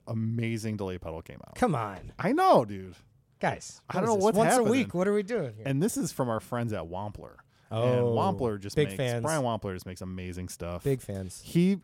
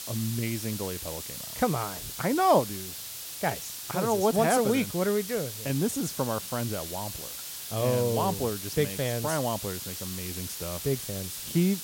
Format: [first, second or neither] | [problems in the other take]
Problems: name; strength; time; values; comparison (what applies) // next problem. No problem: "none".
first | hiss; loud; throughout; 7 dB below the speech